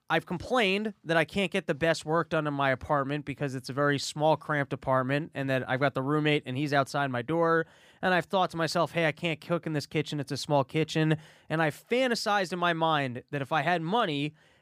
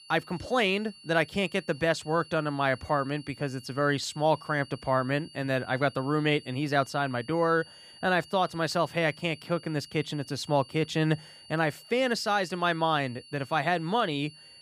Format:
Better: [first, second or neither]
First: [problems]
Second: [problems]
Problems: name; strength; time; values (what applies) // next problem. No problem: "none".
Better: first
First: none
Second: high-pitched whine; faint; throughout; 4.5 kHz, 20 dB below the speech